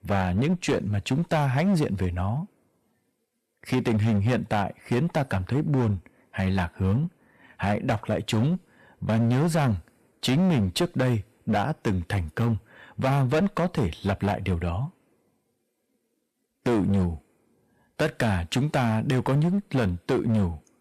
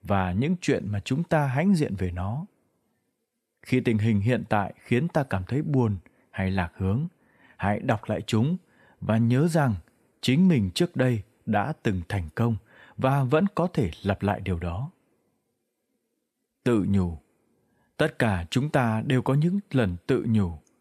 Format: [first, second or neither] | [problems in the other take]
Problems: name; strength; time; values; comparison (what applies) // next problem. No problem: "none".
second | distortion; slight; 14% of the sound clipped